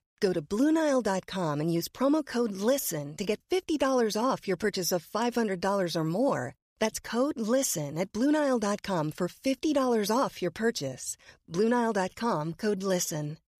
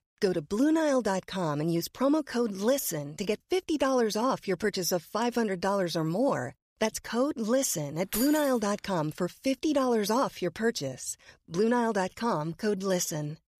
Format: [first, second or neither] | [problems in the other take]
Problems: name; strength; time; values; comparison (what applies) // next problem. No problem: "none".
first | jangling keys; noticeable; at 8 s; peak 4 dB below the speech